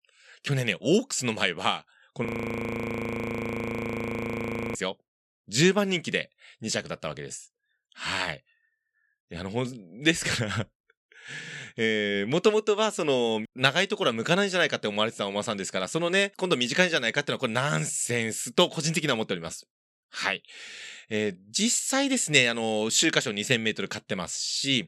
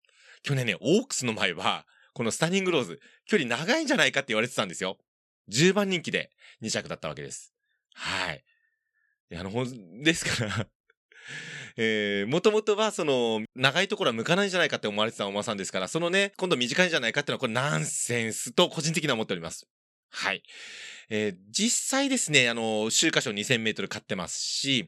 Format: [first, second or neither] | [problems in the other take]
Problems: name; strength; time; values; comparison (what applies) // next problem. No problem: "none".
second | audio freezing; at 2.5 s for 2.5 s